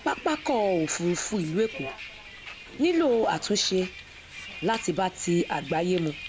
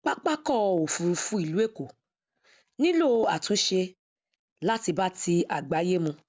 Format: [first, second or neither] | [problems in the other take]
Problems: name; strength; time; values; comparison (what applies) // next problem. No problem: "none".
second | background sound (Bus); 14 dB below the speech